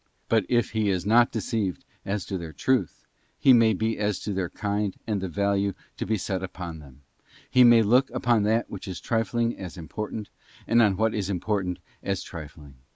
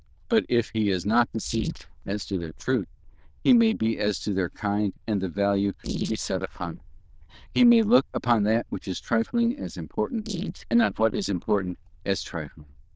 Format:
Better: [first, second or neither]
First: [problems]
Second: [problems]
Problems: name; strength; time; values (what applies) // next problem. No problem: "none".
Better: first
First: none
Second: noise reduction (neural diffusion model UNIVERSE++)